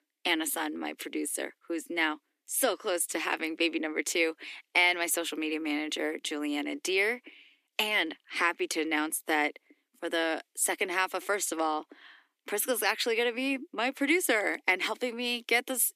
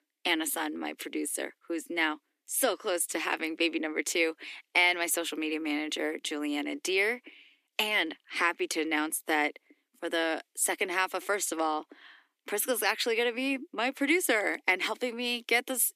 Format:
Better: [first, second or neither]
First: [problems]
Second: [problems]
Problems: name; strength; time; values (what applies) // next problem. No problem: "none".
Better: neither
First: thin; somewhat; fading below 300 Hz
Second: thin; somewhat; fading below 300 Hz